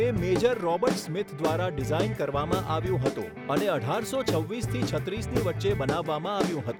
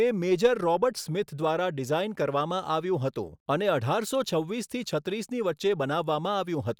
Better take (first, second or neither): second